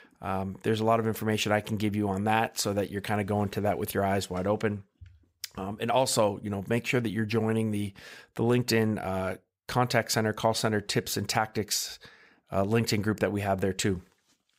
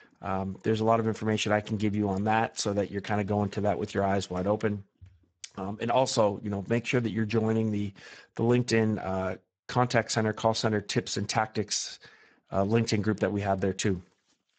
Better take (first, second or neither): first